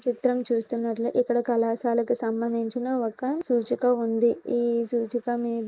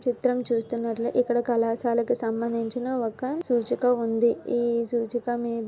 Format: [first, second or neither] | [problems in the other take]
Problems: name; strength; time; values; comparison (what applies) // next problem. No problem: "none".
second | noise reduction (neural mask model Resemble Enhance denoiser)